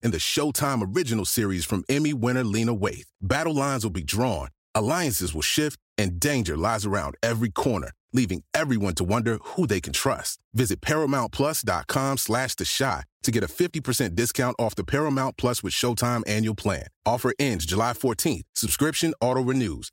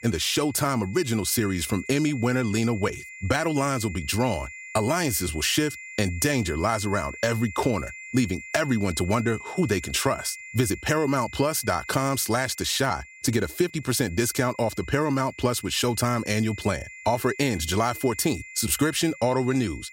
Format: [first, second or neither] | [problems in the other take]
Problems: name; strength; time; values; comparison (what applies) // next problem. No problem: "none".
first | high-pitched whine; noticeable; throughout; 2 kHz, 15 dB below the speech